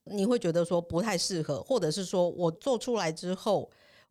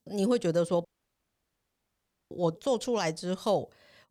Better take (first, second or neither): first